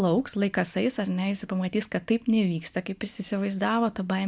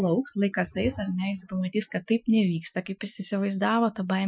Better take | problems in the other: first | noise reduction (classical method Wiener filter)

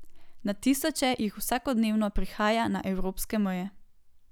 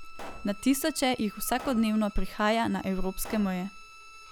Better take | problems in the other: first | background sound (Bowed string instrument + Explosion); 18 dB below the speech

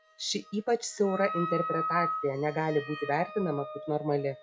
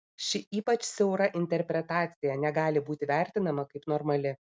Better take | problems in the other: second | noise reduction (classical method log-MMSE)

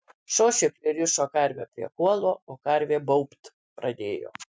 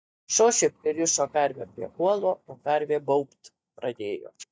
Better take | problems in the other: first | noise reduction (neural mask model DeepFilterNet 3)

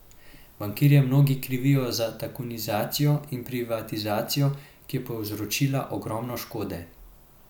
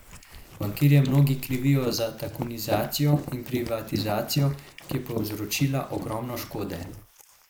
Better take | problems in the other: first | noise reduction (neural mask model Resemble Enhance denoiser)

